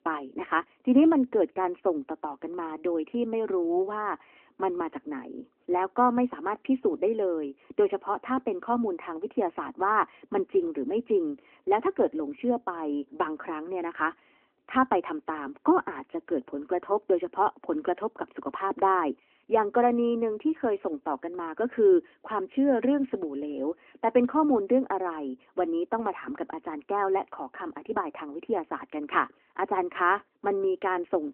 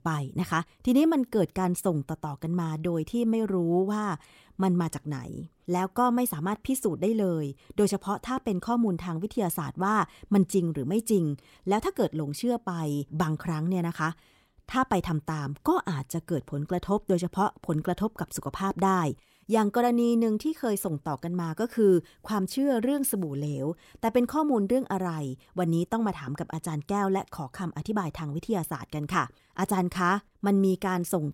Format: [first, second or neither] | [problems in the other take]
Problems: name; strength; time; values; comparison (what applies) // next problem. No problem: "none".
second | phone-call audio